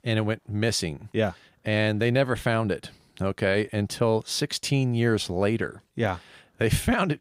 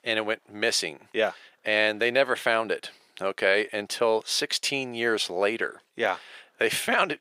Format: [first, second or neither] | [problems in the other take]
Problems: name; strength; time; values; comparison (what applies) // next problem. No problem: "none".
first | thin; very; fading below 500 Hz